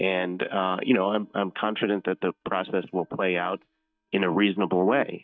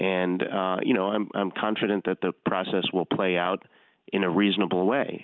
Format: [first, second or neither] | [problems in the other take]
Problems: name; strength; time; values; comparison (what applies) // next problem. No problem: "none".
second | noise reduction (neural mask model DeepFilterNet 3)